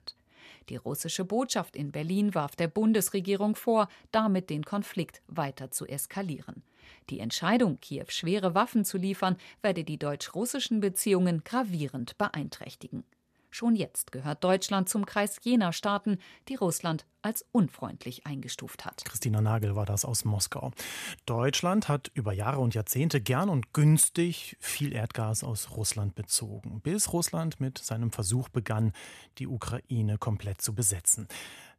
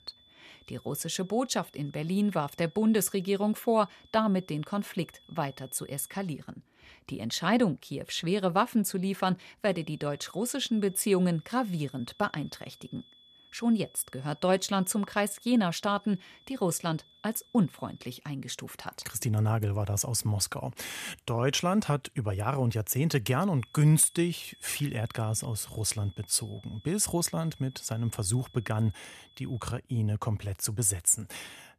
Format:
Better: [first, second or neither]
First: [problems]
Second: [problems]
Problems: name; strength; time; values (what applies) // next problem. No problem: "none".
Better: first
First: none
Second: high-pitched whine; faint; until 6.5 s, from 9.5 to 18 s and from 24 to 30 s; 3.5 kHz, 25 dB below the speech